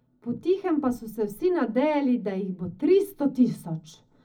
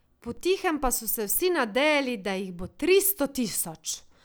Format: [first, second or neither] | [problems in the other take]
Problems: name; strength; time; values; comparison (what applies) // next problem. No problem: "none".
second | room echo; dies away in 0.4 s